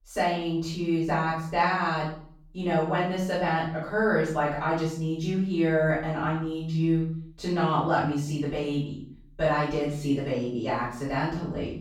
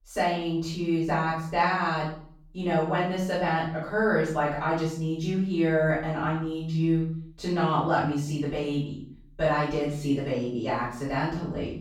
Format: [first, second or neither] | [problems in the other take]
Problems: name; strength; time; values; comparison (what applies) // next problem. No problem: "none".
neither | off-mic speech; far; the same in both // room echo; noticeable; dies away in 0.5 s; the same in both